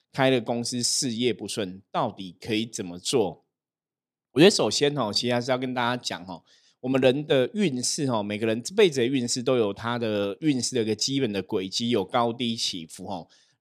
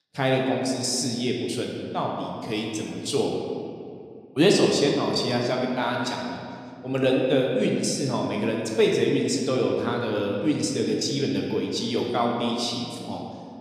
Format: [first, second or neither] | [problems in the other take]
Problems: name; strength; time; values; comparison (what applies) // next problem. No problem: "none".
first | room echo; noticeable; dies away in 2 s // off-mic speech; somewhat distant